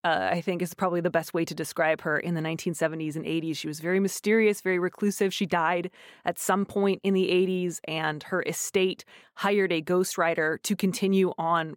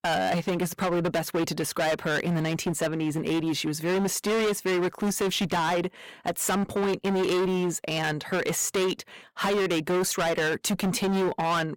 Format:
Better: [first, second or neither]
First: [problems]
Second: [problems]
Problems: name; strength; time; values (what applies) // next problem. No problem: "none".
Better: first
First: none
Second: distortion; heavy; 26% of the sound clipped